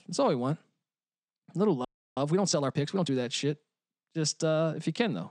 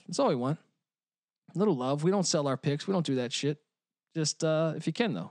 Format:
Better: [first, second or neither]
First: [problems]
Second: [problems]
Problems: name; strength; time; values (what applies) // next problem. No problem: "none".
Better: second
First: audio freezing; at 2 s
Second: none